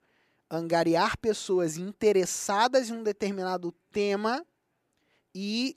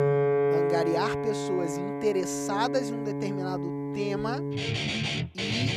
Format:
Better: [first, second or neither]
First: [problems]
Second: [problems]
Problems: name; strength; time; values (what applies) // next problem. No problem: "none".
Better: first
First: none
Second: background music; very loud; throughout; 2 dB above the speech